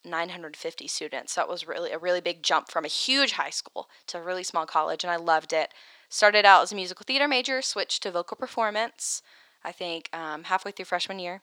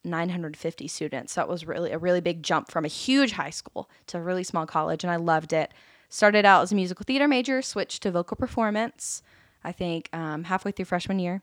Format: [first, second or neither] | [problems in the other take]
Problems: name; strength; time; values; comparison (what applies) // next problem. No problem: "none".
second | thin; somewhat; fading below 500 Hz